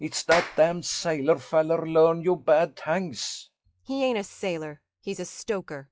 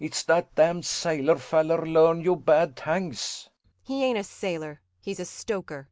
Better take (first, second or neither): second